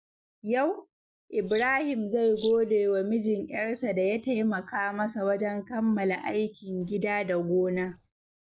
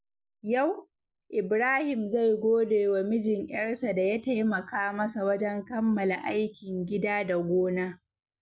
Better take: second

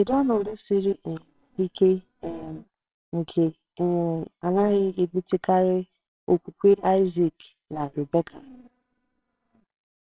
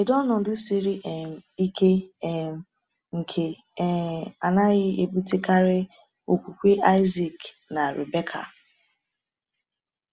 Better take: second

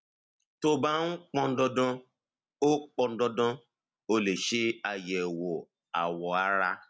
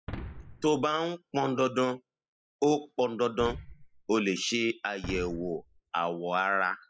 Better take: first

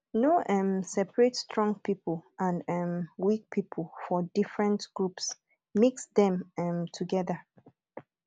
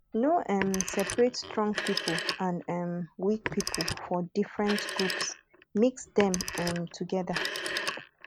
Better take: first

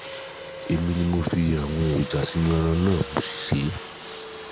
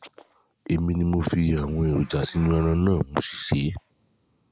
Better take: second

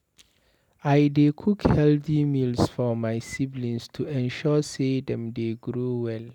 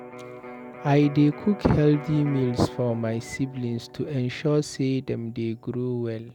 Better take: first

